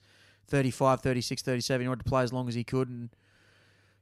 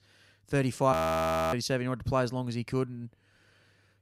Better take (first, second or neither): first